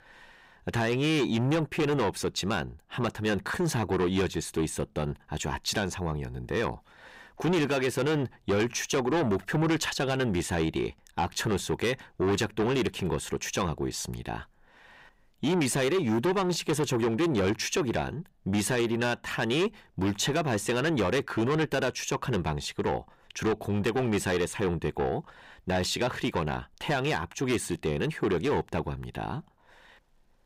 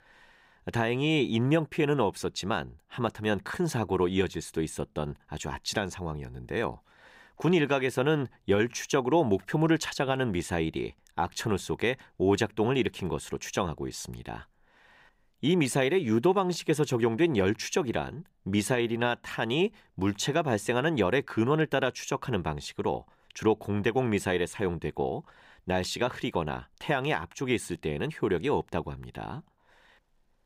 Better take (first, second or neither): second